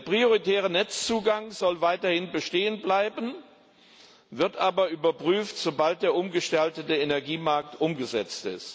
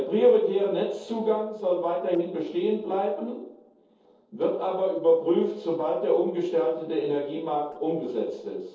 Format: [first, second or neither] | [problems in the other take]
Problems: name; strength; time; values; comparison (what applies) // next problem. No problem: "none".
first | noise reduction (neural separator model SepFormer DNS4)